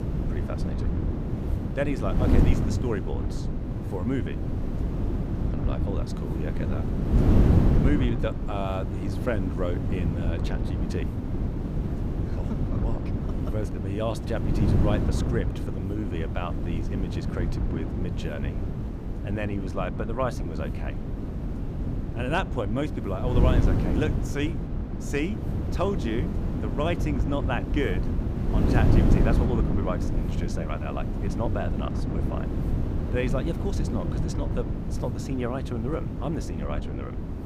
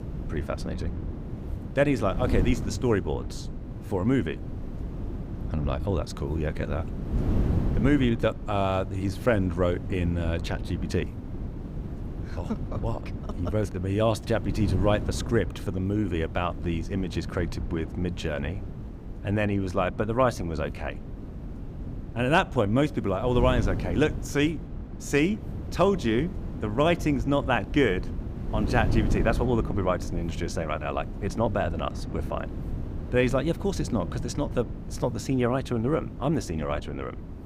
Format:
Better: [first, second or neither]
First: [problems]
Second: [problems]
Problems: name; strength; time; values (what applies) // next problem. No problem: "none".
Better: second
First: wind noise on the microphone; heavy; 3 dB below the speech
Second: wind noise on the microphone; occasional gusts; 15 dB below the speech